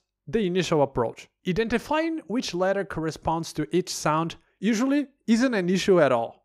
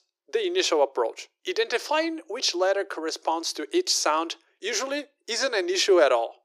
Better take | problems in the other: first | thin; very; fading below 350 Hz

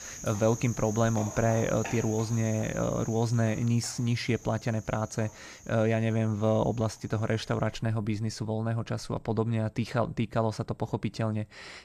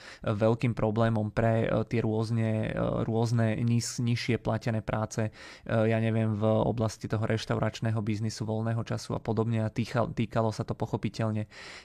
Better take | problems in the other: second | animal sounds; noticeable; throughout; 15 dB below the speech

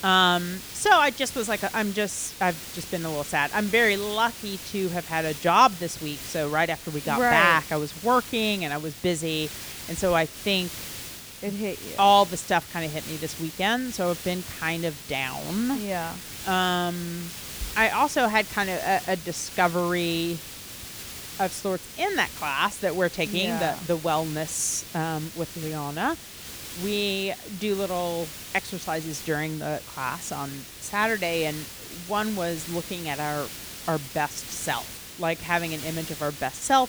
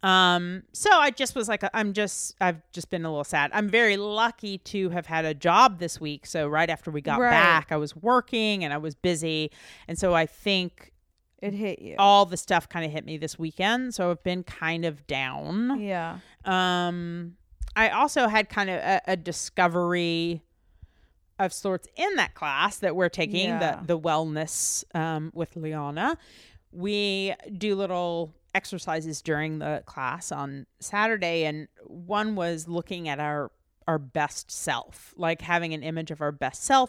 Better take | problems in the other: second | hiss; noticeable; throughout; 10 dB below the speech

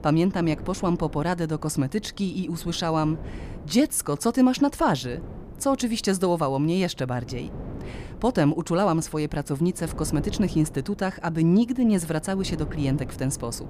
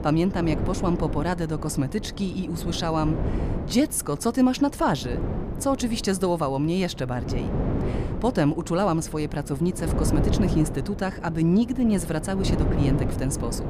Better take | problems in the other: first | wind noise on the microphone; heavy; 8 dB below the speech; occasional gusts in the first

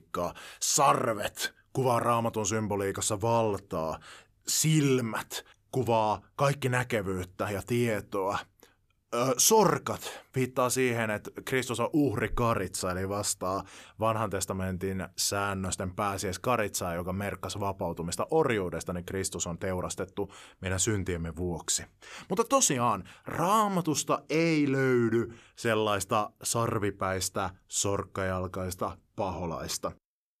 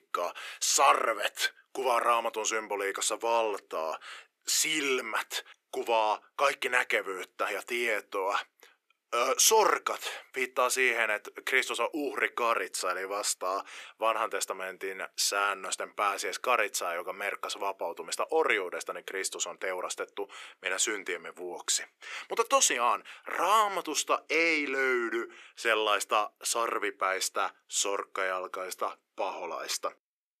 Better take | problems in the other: first | thin; very; fading below 350 Hz

